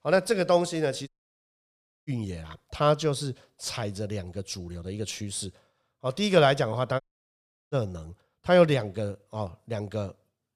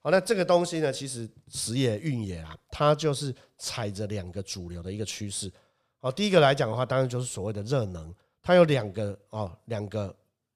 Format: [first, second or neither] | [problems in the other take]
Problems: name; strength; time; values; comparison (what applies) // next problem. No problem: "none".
second | audio cutting out; at 1 s for 1 s and at 7 s for 0.5 s